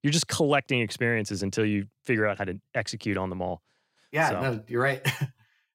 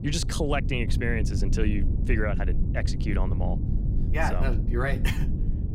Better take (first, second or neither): first